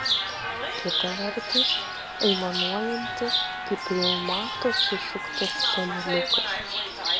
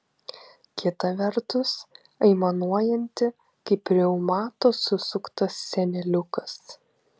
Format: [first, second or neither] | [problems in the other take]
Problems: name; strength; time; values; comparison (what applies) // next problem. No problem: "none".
second | background sound (Chirp, tweet); 4 dB above the speech